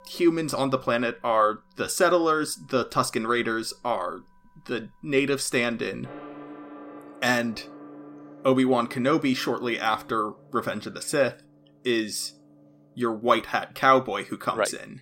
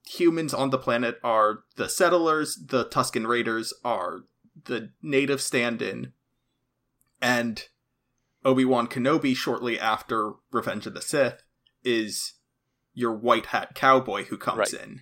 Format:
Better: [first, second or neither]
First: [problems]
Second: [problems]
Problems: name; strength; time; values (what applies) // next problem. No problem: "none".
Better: second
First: background music; faint; throughout; 20 dB below the speech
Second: none